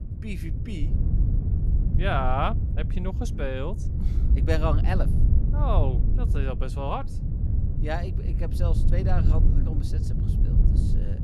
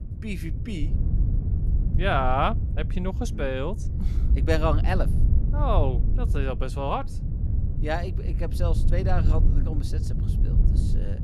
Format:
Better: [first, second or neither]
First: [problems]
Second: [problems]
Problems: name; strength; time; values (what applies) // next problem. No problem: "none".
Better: second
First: wind noise on the microphone; heavy; 8 dB below the speech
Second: wind noise on the microphone; occasional gusts; 10 dB below the speech